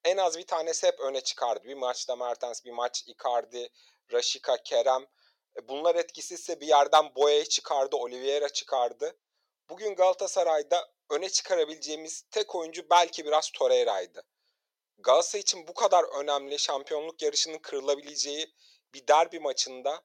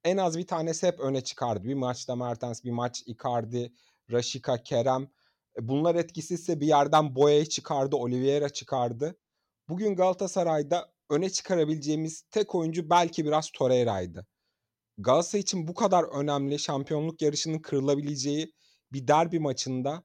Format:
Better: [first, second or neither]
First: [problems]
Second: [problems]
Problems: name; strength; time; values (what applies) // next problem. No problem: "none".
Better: second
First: thin; very; fading below 500 Hz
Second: none